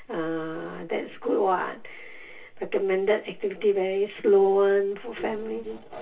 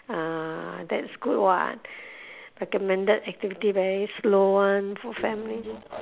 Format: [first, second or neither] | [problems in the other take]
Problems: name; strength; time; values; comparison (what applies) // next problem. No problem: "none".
second | room echo; dies away in 0.1 s